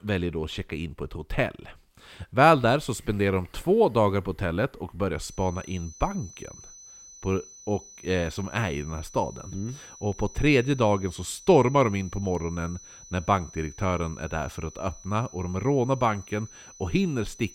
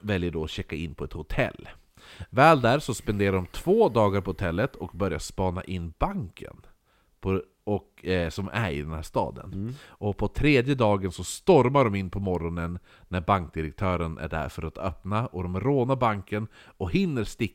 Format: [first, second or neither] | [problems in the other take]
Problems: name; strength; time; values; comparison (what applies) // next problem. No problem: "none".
second | high-pitched whine; noticeable; from 5 s on; 6 kHz, 20 dB below the speech